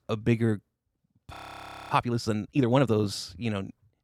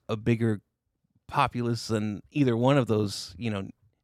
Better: second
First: audio freezing; at 1.5 s for 0.5 s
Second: none

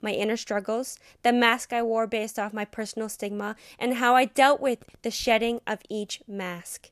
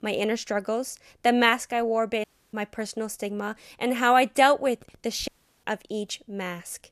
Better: first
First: none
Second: audio cutting out; at 2 s and at 5.5 s

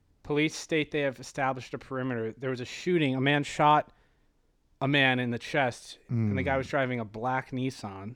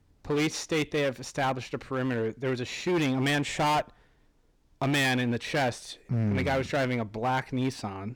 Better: first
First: none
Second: distortion; heavy; 13% of the sound clipped

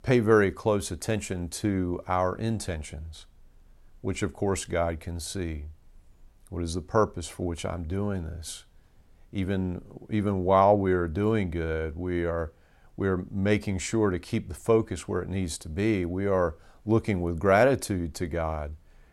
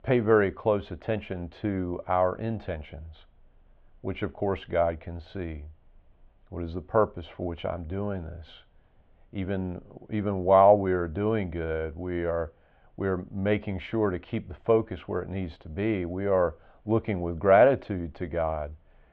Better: first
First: none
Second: muffled; very; fading above 3 kHz

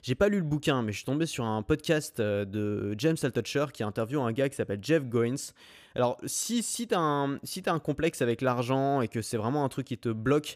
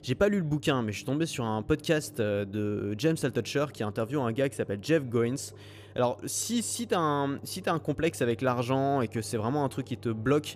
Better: first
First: none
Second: low rumble; faint; throughout; 25 dB below the speech

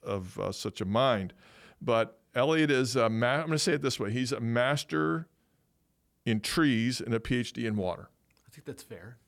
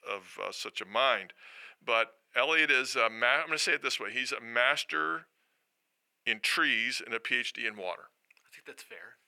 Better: first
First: none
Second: thin; very; fading below 550 Hz

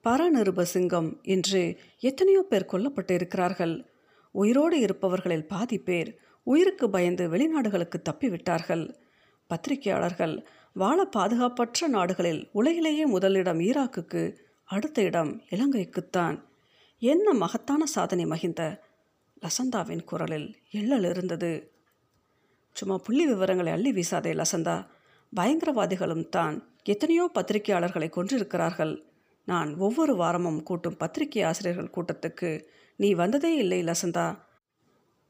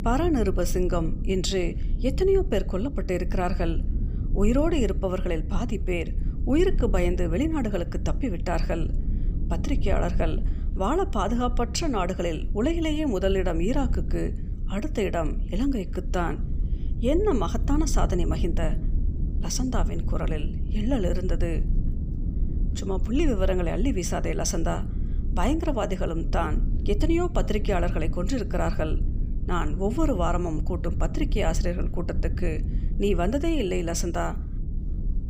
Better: first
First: none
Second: low rumble; noticeable; throughout; 15 dB below the speech

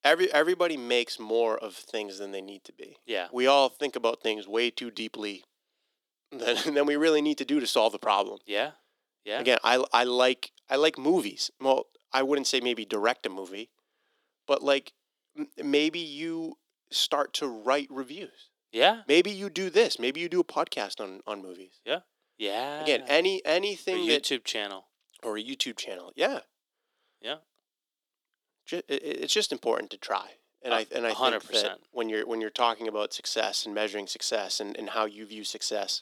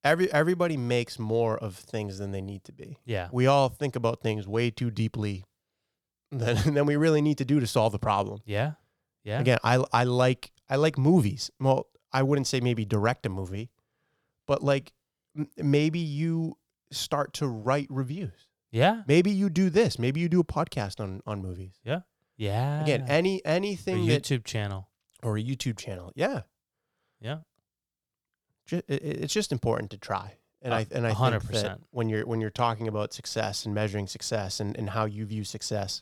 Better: second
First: thin; somewhat; fading below 300 Hz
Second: none

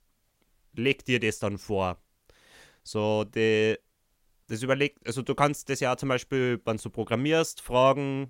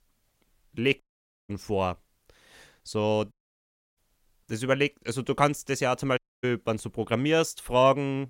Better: first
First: none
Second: audio cutting out; at 1 s, at 3.5 s for 0.5 s and at 6 s

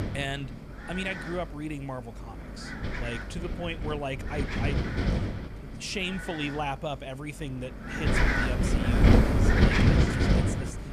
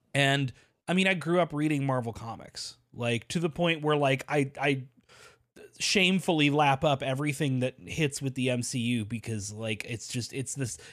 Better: second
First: wind noise on the microphone; heavy; 5 dB above the speech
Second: none

